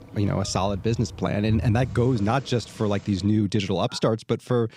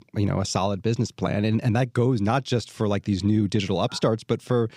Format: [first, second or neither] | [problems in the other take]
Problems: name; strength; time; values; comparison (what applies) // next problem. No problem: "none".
second | animal sounds; noticeable; until 3 s; 10 dB below the speech